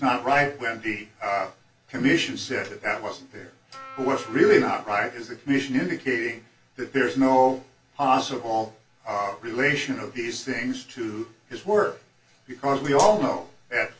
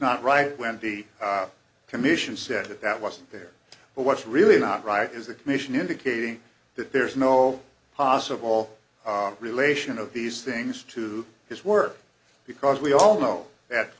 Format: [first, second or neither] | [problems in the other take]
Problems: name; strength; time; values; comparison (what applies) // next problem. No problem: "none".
second | background sound (Wind instrument, woodwind instrument); 17 dB below the speech // room echo; dies away in 0.2 s